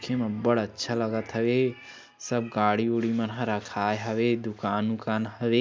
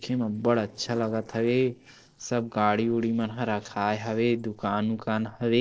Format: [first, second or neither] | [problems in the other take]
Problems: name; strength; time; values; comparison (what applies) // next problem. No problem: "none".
first | noise reduction (neural separator model SepFormer DNS4)